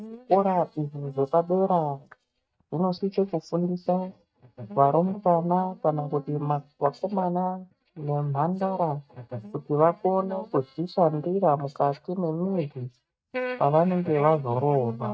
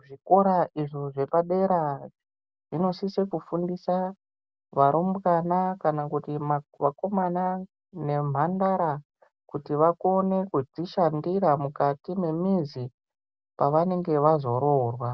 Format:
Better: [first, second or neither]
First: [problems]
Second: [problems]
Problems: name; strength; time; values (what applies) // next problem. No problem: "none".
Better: second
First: noise reduction (neural mask model DeepFilterNet 3)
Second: none